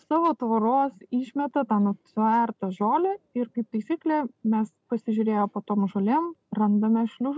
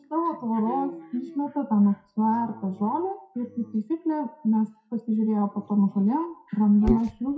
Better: first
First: none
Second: noise reduction (classical method WPE with log-MMSE)

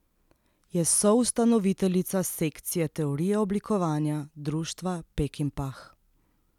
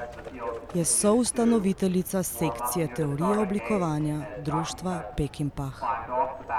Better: first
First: none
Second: background sound (Livestock, farm animals, working animals); 6 dB below the speech

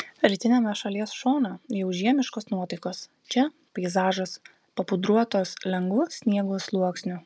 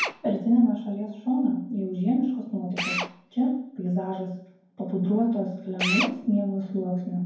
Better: first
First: none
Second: background sound (Drill); 10 dB below the speech // room echo; dies away in 0.9 s

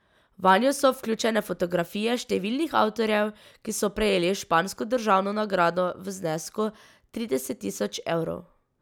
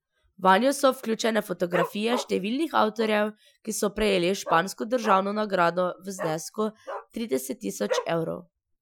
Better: first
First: none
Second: noise reduction (classical method Wiener filter)

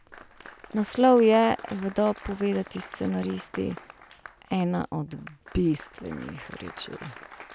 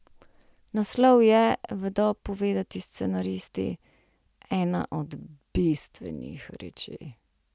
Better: second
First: background sound (Applause); 18 dB below the speech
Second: none

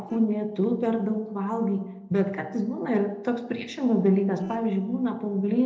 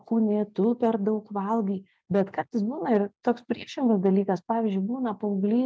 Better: second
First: noise reduction (neural separator model SepFormer DNS4)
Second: none

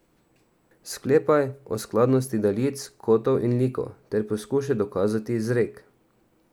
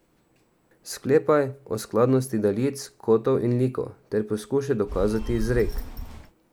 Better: first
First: none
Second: background sound (Telephone); 6 dB below the speech

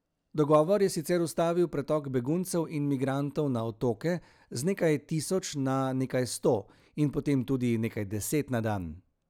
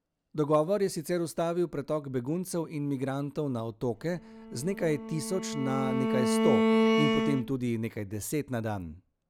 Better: first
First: none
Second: background sound (Bowed string instrument); 2 dB above the speech

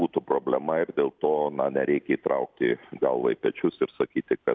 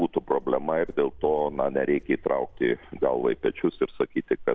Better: first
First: none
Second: background sound (Walk, footsteps); 18 dB below the speech

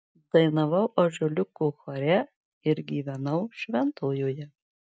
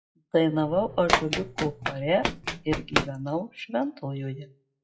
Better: first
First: none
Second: noise reduction (classical method WPE with log-MMSE)

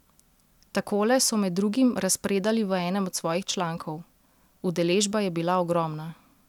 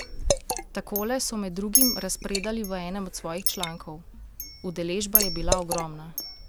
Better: first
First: none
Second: background sound (Chink, clink + Liquid); 2 dB above the speech

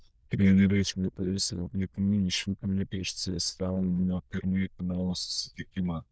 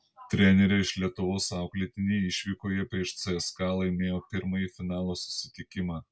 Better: second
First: noise reduction (neural diffusion model UNIVERSE++)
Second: none

